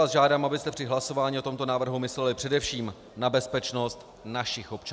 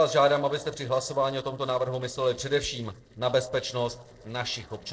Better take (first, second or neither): first